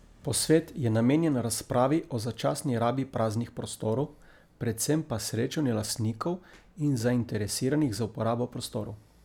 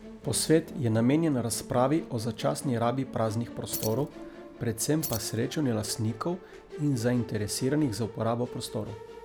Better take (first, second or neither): first